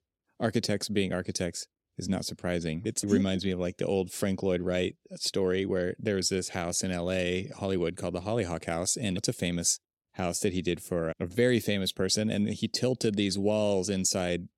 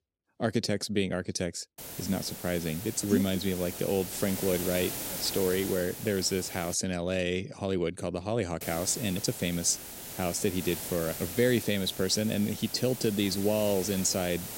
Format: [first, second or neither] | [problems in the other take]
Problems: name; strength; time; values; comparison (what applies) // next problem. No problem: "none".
first | hiss; loud; from 2 to 6.5 s and from 8.5 s on; 8 dB below the speech